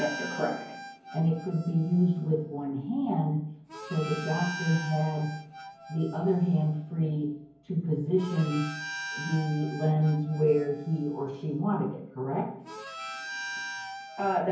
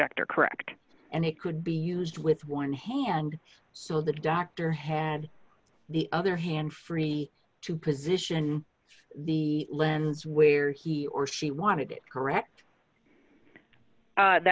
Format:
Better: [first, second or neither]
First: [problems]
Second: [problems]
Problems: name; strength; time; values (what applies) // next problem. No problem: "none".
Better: second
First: background sound (Harmonica); 12 dB below the speech // room echo; dies away in 0.9 s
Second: none